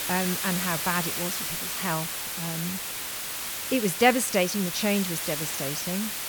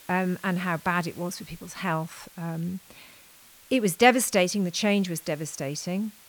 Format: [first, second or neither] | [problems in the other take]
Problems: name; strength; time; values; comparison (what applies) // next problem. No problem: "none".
second | hiss; loud; throughout; 2 dB below the speech; faint in the second